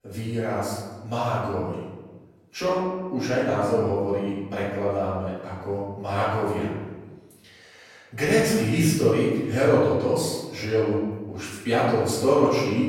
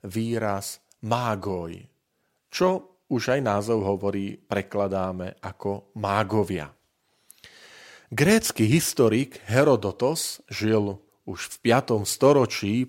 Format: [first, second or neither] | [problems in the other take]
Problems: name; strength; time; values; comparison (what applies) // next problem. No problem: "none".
second | off-mic speech; far // room echo; strong; dies away in 1.2 s